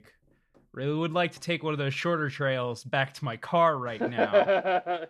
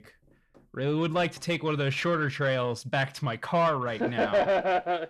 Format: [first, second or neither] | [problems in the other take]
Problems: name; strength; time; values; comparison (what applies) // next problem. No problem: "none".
first | distortion; slight; 10 dB below the speech